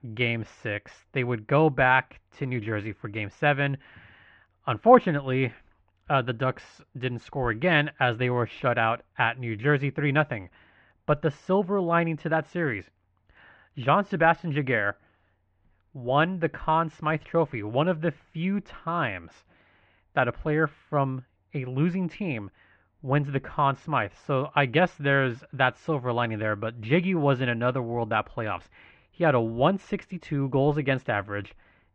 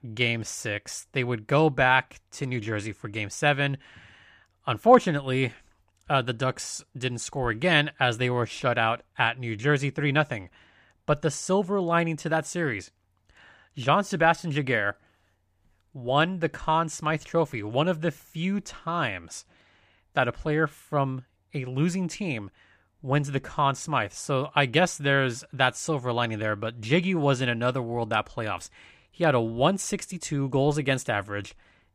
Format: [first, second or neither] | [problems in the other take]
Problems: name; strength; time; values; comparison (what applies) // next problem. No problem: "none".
second | muffled; very; fading above 2.5 kHz